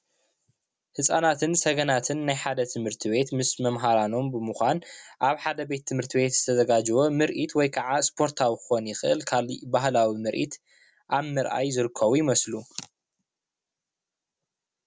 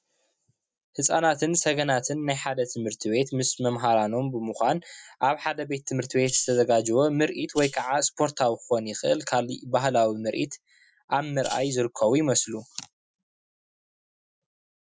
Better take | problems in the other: first | noise reduction (classical method Wiener filter)

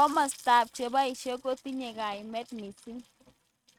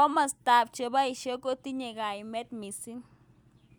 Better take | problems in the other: second | noise reduction (neural mask model RNNoise)

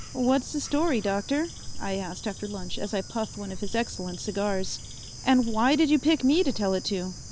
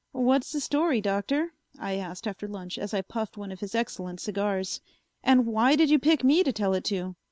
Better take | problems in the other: second | background sound (Bird / Insect); 9 dB below the speech

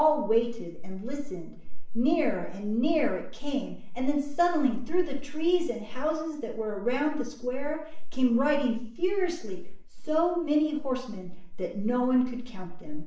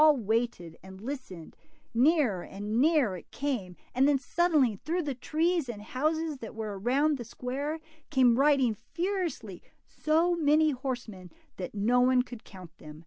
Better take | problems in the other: second | room echo; dies away in 0.6 s

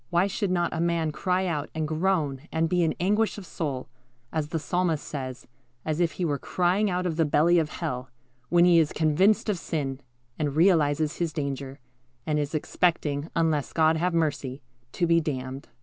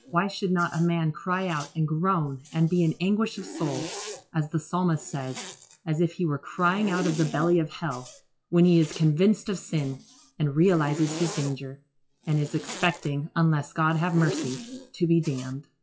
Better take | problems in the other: first | noise reduction (classical method WPE with log-MMSE)

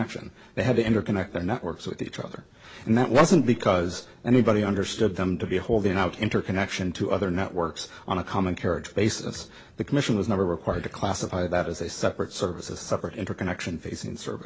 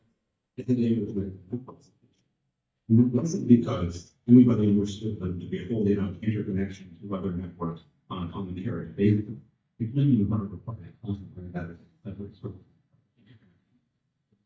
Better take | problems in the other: first | noise reduction (neural mask model DeepFilterNet 3)

